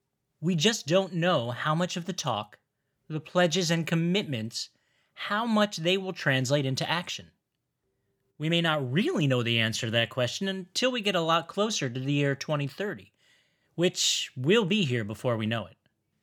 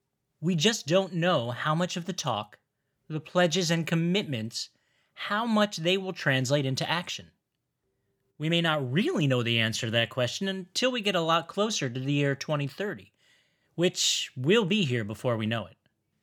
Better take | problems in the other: neither | none

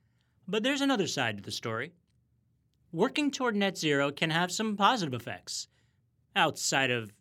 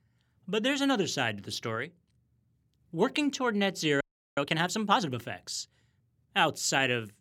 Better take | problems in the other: first | audio freezing; at 4 s

